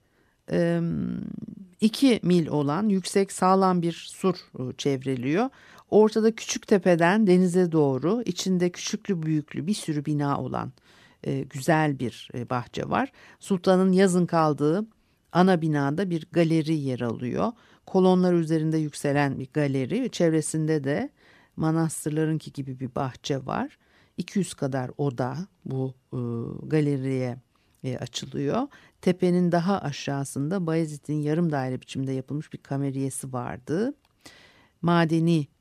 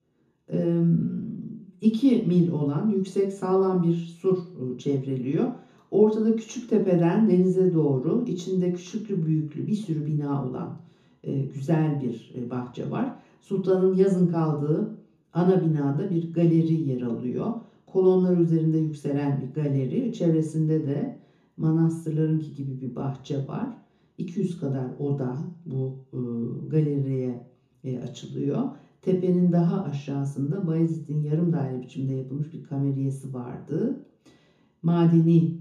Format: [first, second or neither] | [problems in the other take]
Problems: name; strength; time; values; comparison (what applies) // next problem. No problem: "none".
first | room echo; slight; dies away in 0.6 s // off-mic speech; far